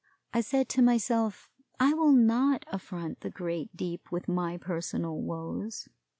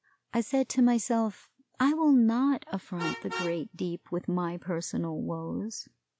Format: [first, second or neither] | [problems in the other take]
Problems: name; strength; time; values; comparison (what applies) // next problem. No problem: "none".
first | background sound (Vehicle horn, car horn, honking); 17 dB below the speech